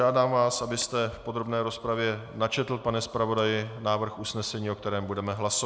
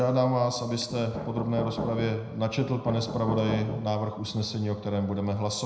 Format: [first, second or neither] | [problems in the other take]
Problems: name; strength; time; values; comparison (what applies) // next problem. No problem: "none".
first | background sound (Knock); 7 dB below the speech // room echo; dies away in 0.7 s